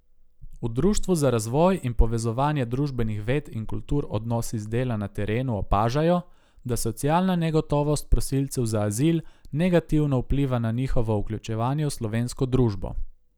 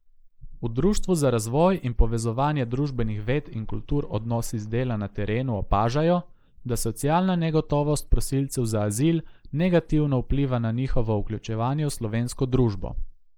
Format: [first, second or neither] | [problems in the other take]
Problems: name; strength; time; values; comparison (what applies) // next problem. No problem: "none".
first | noise reduction (neural mask model Resemble Enhance denoiser)